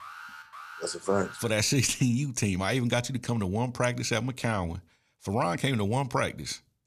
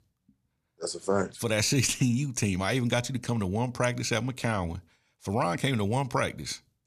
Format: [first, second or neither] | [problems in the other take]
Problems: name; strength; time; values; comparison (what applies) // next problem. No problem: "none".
second | alarm; faint; until 1.5 s; peak 15 dB below the speech